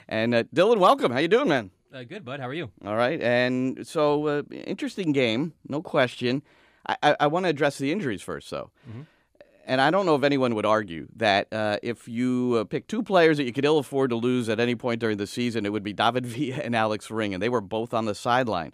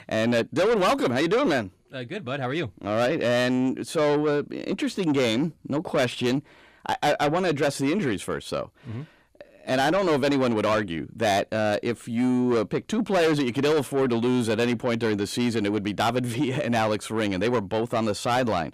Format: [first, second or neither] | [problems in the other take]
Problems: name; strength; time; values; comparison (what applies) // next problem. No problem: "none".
first | distortion; heavy; 7 dB below the speech